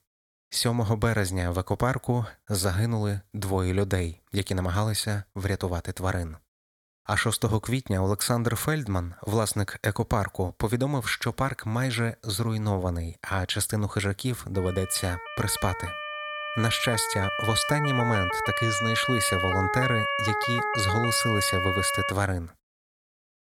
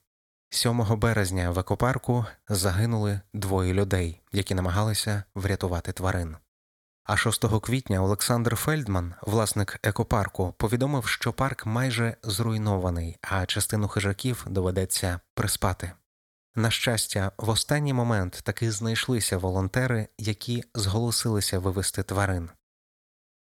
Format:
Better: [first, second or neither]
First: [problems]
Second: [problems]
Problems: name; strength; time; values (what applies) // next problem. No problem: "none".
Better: second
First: siren; loud; from 15 to 22 s; peak 1 dB above the speech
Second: none